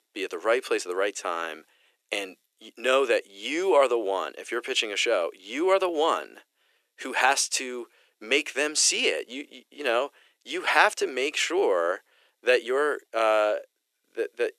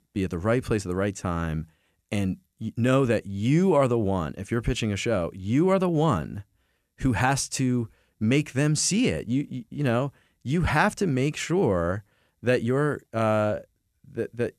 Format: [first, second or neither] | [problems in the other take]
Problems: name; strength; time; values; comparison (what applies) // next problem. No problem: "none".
second | thin; very; fading below 350 Hz